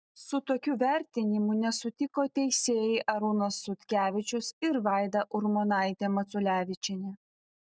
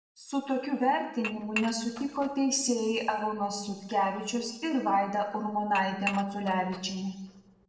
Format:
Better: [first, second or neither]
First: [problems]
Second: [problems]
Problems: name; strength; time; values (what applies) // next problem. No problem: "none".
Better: first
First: none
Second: background sound (Dishes, pots, and pans / Chink, clink); 11 dB below the speech // room echo; dies away in 0.9 s